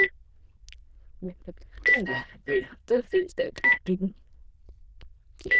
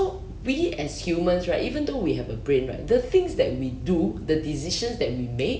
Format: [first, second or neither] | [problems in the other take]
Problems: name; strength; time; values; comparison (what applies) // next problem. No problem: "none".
second | noise reduction (neural diffusion model UNIVERSE++)